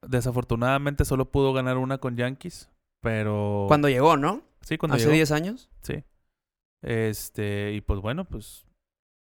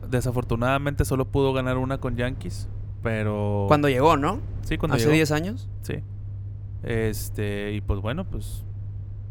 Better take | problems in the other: first | low rumble; faint; throughout; 25 dB below the speech

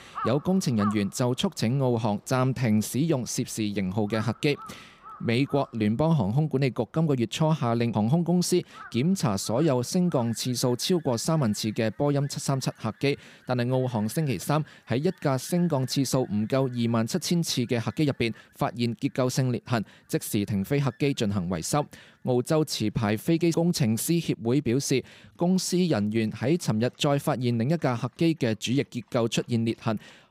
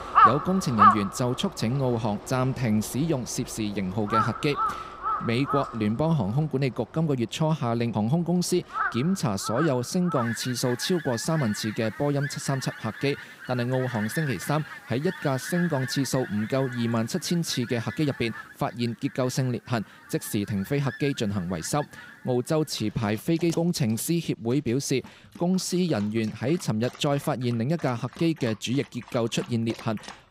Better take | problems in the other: first | animal sounds; loud; throughout; 3 dB below the speech; faint in the first

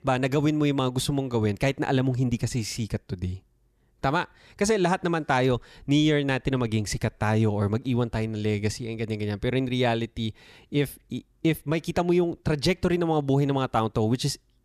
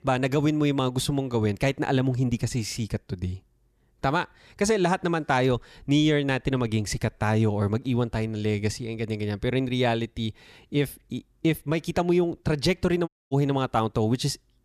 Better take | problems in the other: first | audio cutting out; at 13 s

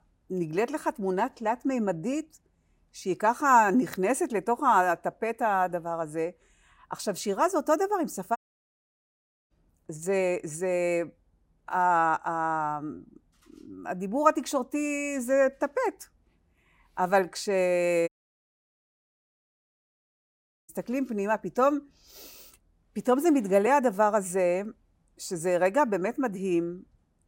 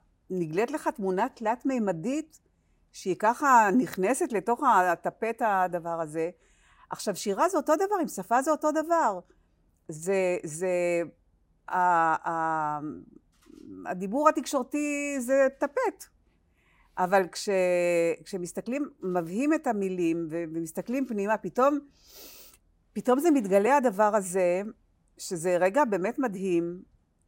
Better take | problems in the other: second | audio cutting out; at 8.5 s for 1 s and at 18 s for 2.5 s

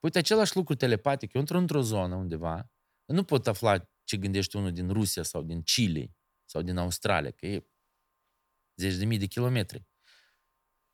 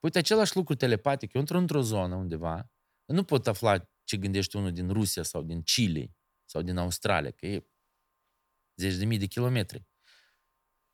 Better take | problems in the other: neither | none

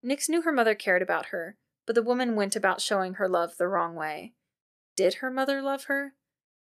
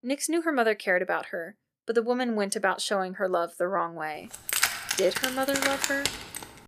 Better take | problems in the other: first | jangling keys; loud; from 4.5 s on; peak 3 dB above the speech

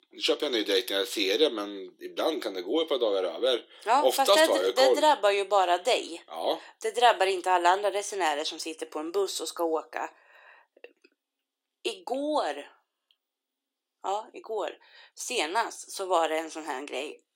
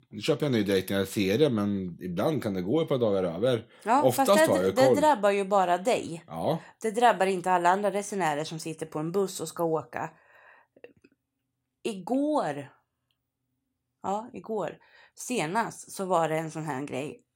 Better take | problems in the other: second | thin; somewhat; fading below 350 Hz

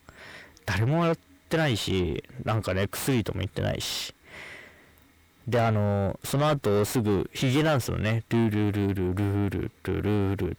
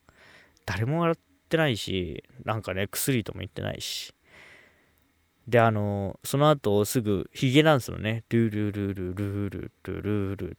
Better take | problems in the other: second | distortion; heavy; 5 dB below the speech

